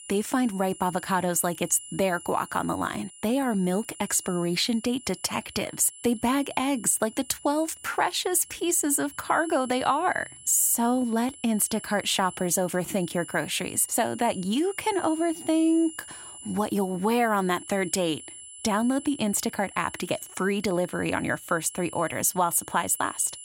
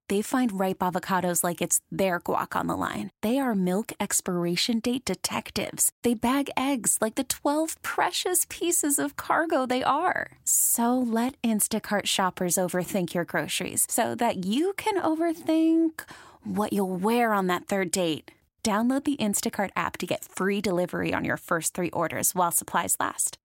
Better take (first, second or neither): second